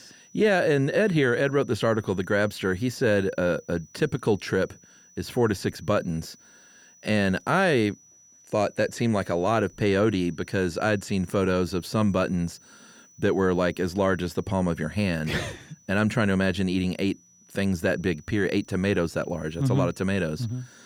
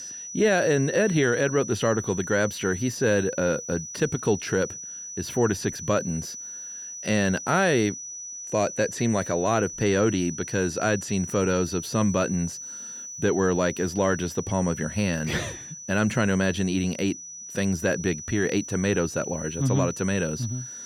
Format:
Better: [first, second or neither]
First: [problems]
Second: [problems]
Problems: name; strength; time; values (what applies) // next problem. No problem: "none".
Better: first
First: high-pitched whine; faint; throughout; 6 kHz, 30 dB below the speech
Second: high-pitched whine; loud; throughout; 6 kHz, 10 dB below the speech